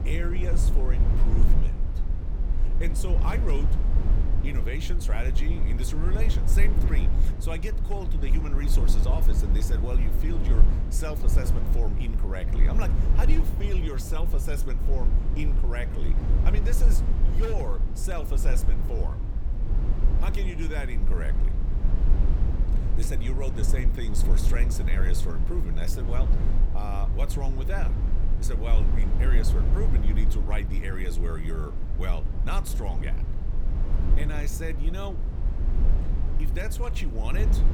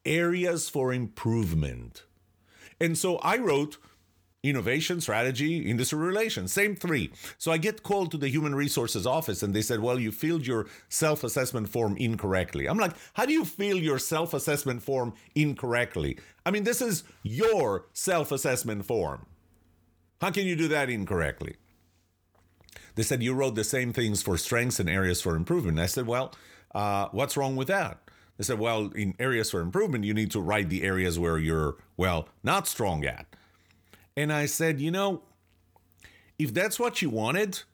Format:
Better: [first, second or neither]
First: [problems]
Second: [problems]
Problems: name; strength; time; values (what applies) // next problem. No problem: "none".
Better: second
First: low rumble; loud; throughout; 5 dB below the speech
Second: none